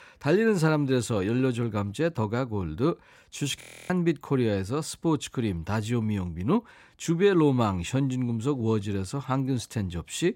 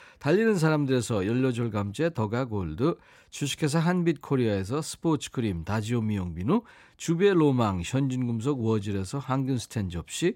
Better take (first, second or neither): second